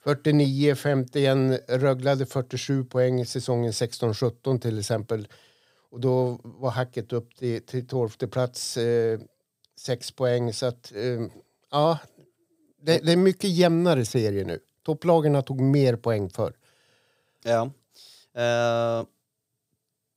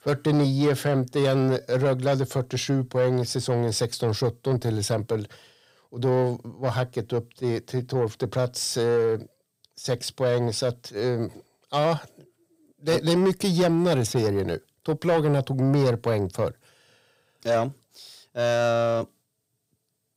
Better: first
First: none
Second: distortion; slight; 10 dB below the speech

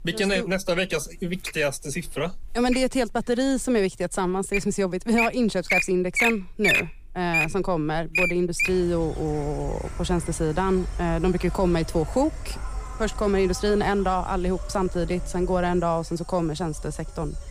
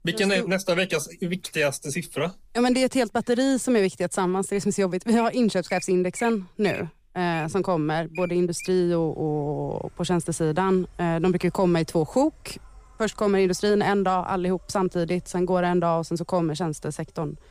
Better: second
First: animal sounds; loud; throughout; 4 dB below the speech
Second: animal sounds; faint; throughout; 20 dB below the speech

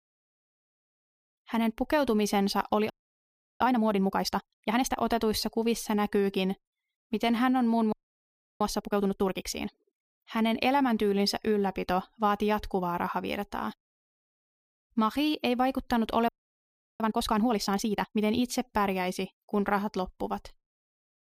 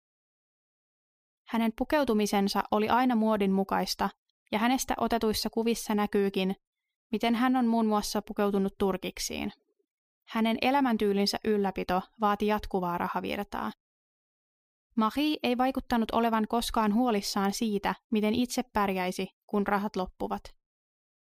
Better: second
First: audio freezing; at 3 s for 0.5 s, at 8 s for 0.5 s and at 16 s for 0.5 s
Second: none

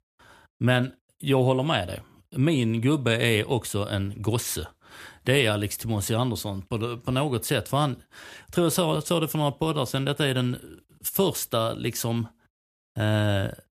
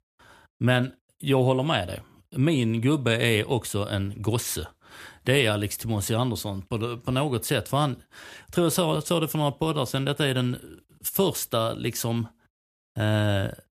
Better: neither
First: none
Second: none

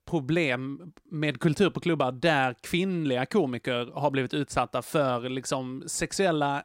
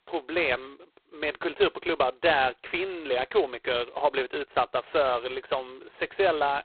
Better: first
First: none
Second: phone-call audio; poor line; nothing above 4 kHz

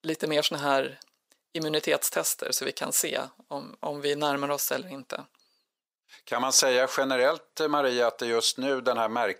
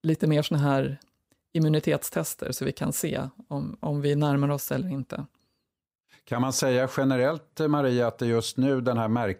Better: second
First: thin; somewhat; fading below 500 Hz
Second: none

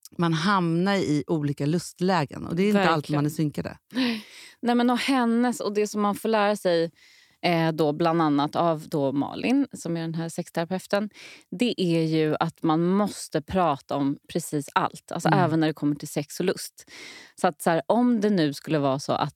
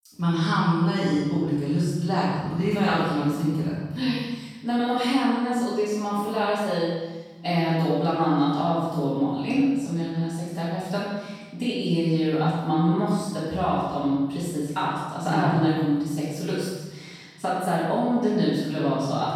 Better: first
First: none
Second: off-mic speech; far // room echo; strong; dies away in 1.3 s

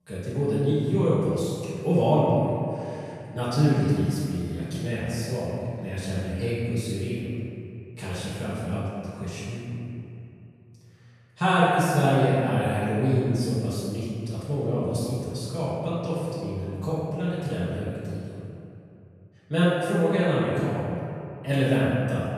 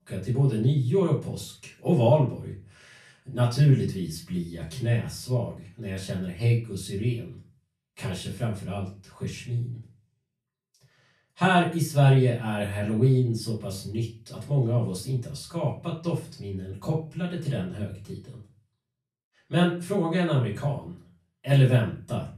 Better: second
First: room echo; strong; dies away in 2.5 s // off-mic speech; far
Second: room echo; slight; dies away in 0.3 s // off-mic speech; far

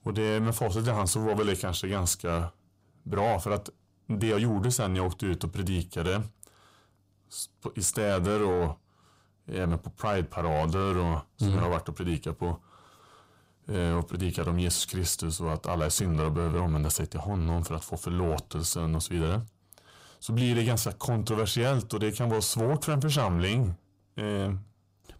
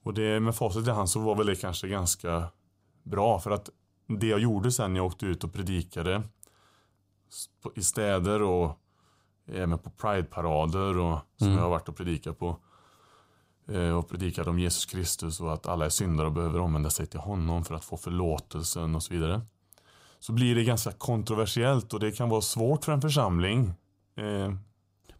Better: second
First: distortion; slight; 10 dB below the speech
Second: none

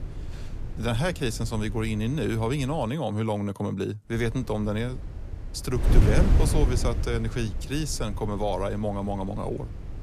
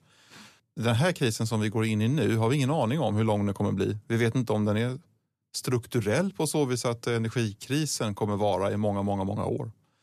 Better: second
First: wind noise on the microphone; occasional gusts; until 3 s and from 4 s on; 10 dB below the speech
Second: none

